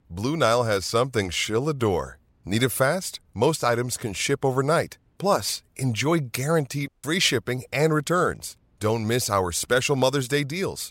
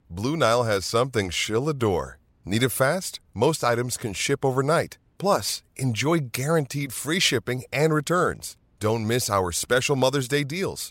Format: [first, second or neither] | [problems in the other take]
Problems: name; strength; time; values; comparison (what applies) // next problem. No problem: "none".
second | audio cutting out; at 7 s